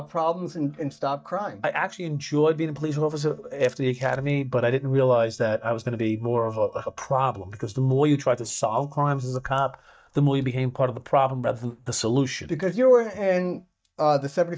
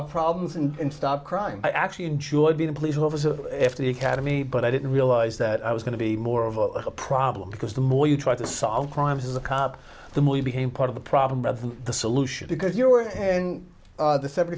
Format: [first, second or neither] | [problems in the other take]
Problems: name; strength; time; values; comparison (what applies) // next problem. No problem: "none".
second | noise reduction (neural mask model DeepFilterNet 3)